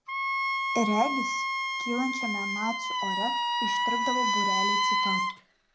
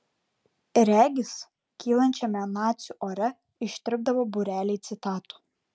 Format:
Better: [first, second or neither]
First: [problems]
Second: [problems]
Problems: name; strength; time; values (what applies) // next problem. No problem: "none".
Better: second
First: background sound (Wind instrument, woodwind instrument); 5 dB above the speech // room echo; dies away in 0.2 s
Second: none